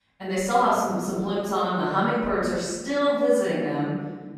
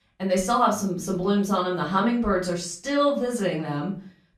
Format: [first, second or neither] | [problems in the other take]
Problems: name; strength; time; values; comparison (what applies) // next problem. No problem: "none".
second | room echo; strong; dies away in 1.3 s; slight in the second // off-mic speech; far; far in the second